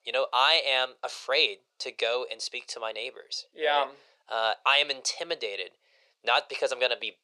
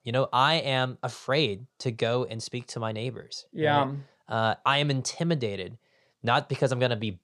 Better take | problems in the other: second | thin; very; fading below 500 Hz

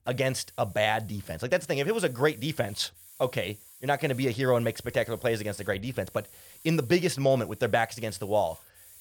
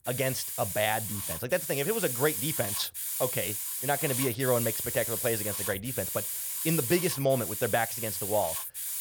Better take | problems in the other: first | hiss; loud; throughout; 1 dB below the speech; faint in the first

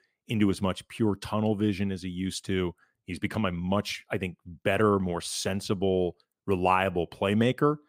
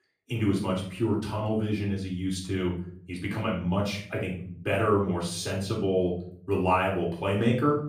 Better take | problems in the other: first | off-mic speech; far // room echo; noticeable; dies away in 0.6 s

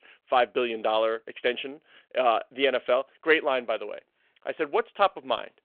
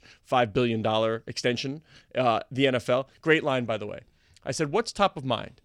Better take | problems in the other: second | phone-call audio

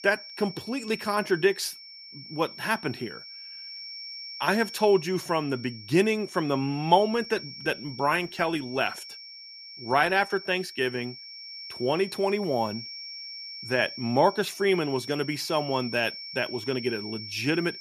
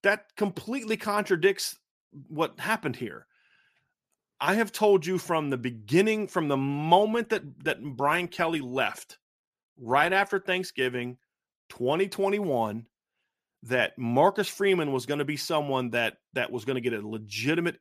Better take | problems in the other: second | high-pitched whine; noticeable; throughout; 5.5 kHz, 10 dB below the speech

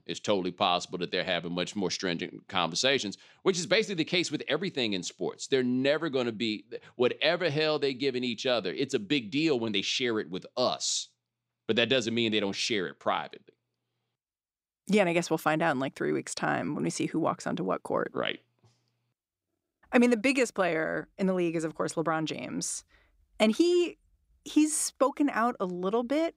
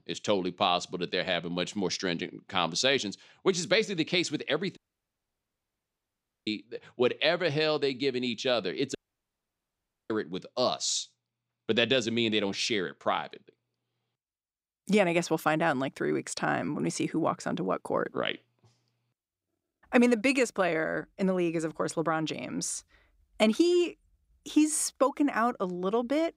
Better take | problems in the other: first | audio cutting out; at 5 s for 1.5 s and at 9 s for 1 s

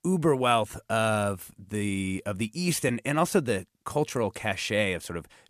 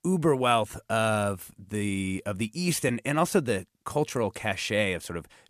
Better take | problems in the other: neither | none

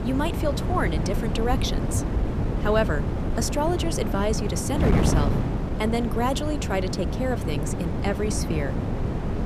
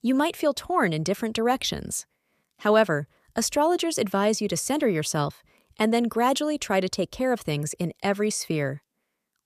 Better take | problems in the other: second | wind noise on the microphone; heavy; 5 dB below the speech

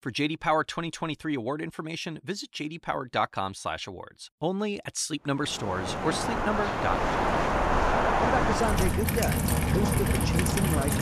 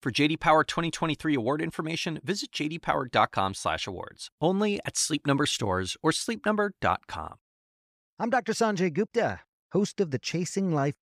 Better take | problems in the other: second | rain or running water; very loud; from 6 s on; 4 dB above the speech

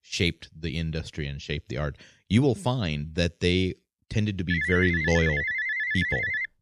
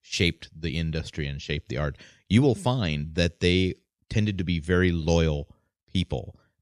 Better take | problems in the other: second | phone ringing; loud; from 4.5 s on; peak 2 dB above the speech

